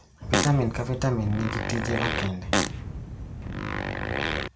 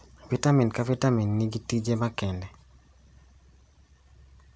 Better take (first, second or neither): second